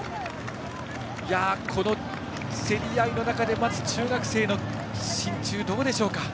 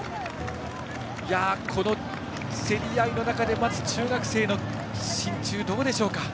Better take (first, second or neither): first